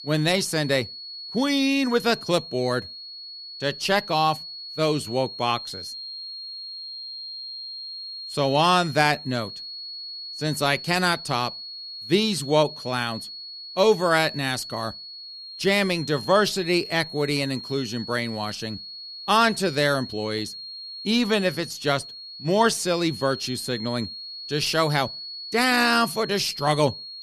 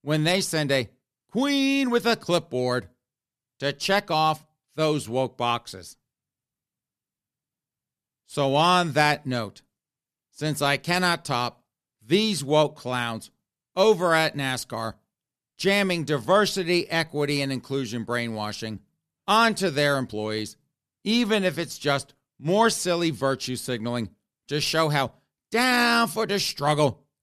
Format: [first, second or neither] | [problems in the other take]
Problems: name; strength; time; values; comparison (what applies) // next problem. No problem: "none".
second | high-pitched whine; noticeable; throughout; 4.5 kHz, 10 dB below the speech